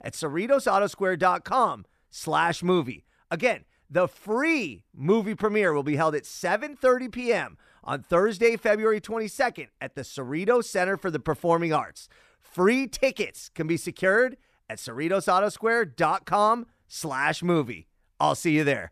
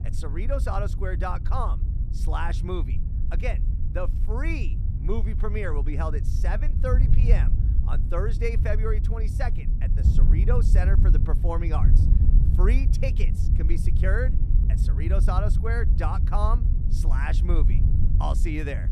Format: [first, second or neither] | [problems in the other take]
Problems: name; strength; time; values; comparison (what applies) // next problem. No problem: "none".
first | wind noise on the microphone; heavy; 8 dB below the speech